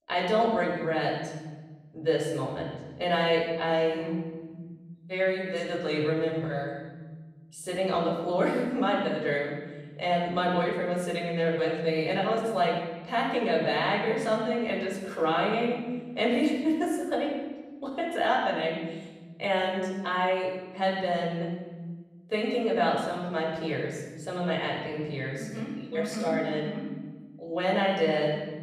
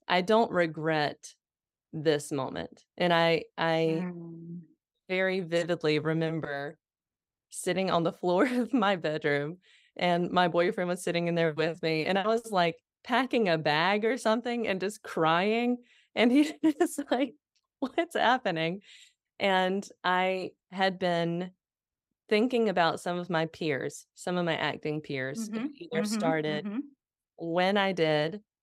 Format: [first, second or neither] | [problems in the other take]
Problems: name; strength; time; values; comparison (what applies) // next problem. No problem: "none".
second | off-mic speech; far // room echo; noticeable; dies away in 1.4 s